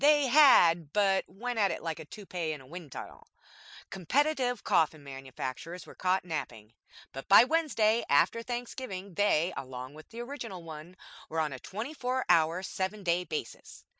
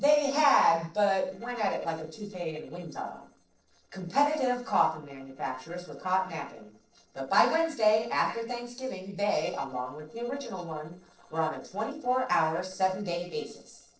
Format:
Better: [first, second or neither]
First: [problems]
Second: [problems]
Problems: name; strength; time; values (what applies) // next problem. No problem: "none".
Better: first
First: none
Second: noise reduction (neural separator model SepFormer DNS4)